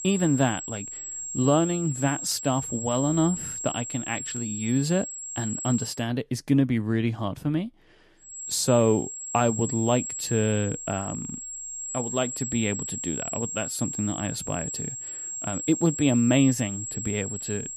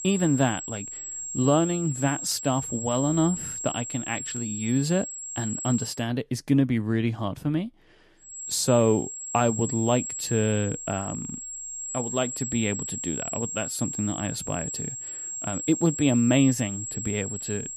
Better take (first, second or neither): neither